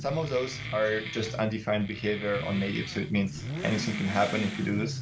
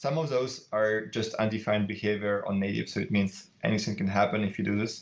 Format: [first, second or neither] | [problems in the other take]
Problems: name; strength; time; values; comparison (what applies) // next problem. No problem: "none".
second | background sound (Wood + Motorcycle / Accelerating, revving, vroom); 7 dB below the speech